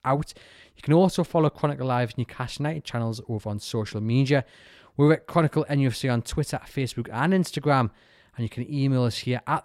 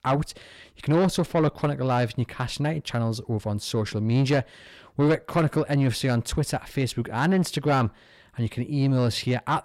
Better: first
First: none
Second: distortion; slight; 10 dB below the speech

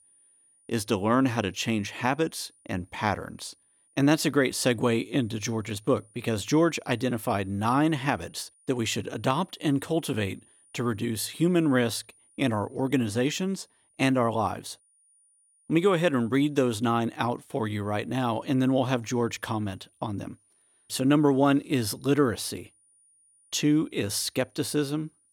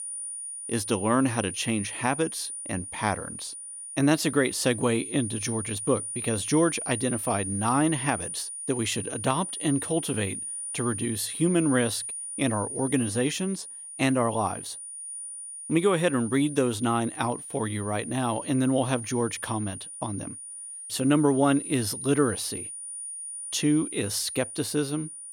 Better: first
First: high-pitched whine; faint; throughout; 9.5 kHz, 35 dB below the speech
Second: high-pitched whine; loud; throughout; 9.5 kHz, 7 dB below the speech

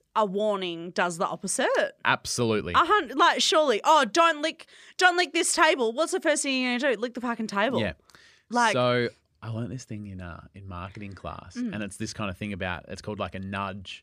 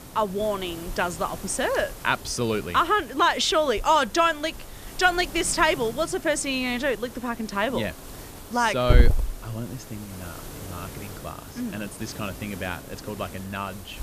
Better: first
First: none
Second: hiss; loud; throughout; 10 dB below the speech

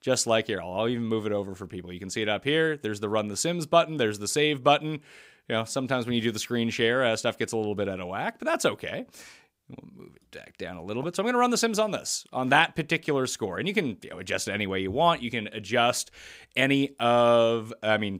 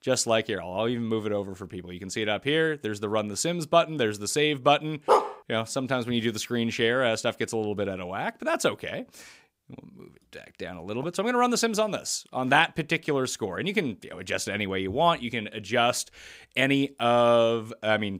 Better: first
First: none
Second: dog barking; loud; at 5 s; peak 3 dB above the speech

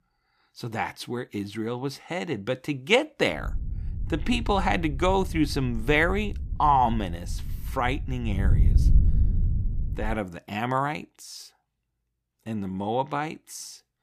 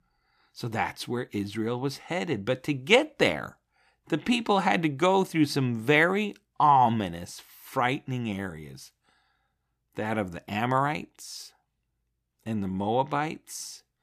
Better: second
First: wind noise on the microphone; occasional gusts; from 3.5 to 10 s; 20 dB below the speech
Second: none

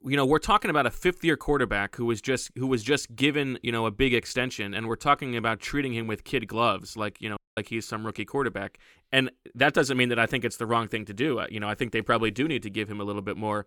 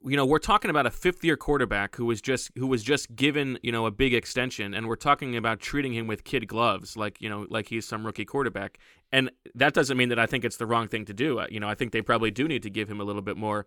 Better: second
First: audio cutting out; at 7.5 s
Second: none

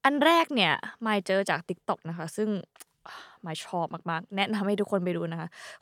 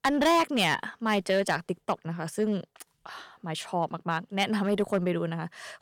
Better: first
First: none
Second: distortion; slight; 4% of the sound clipped

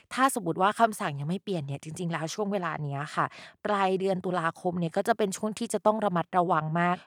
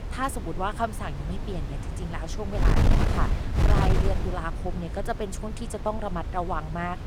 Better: first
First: none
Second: wind noise on the microphone; heavy; 5 dB below the speech

